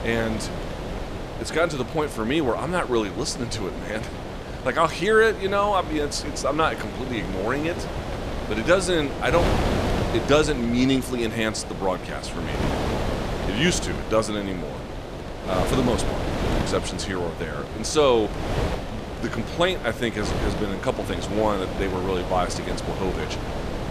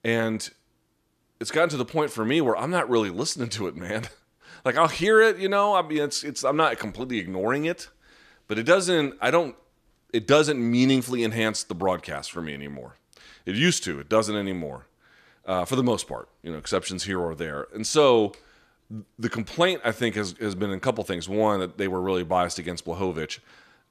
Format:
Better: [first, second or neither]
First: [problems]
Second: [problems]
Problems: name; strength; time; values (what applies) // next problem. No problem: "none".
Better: second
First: wind noise on the microphone; heavy; 7 dB below the speech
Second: none